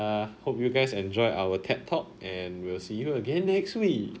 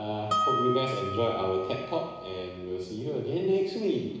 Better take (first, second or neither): first